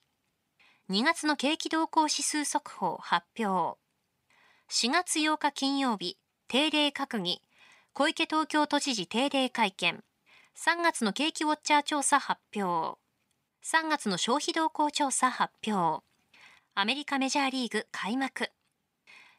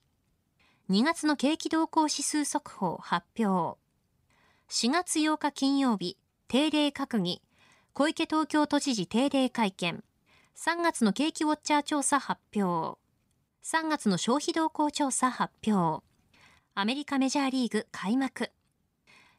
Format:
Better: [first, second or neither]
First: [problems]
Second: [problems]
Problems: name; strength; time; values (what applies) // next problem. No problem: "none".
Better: second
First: thin; very slightly; fading below 650 Hz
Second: none